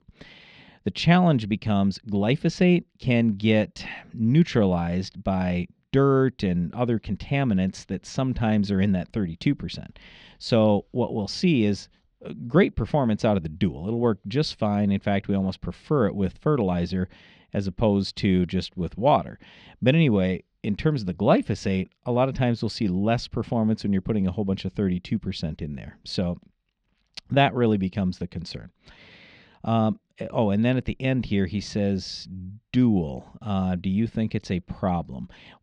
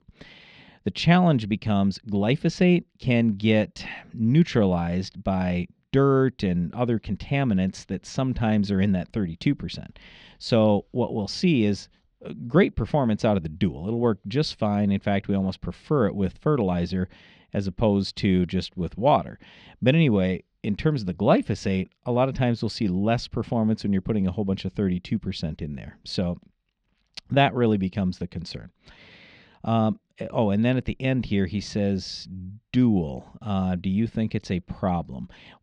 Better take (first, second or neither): neither